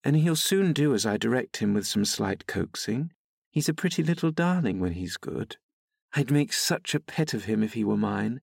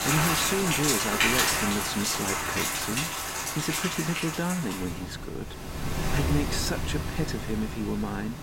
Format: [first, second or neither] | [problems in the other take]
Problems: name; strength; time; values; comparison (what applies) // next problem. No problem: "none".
first | rain or running water; very loud; throughout; 3 dB above the speech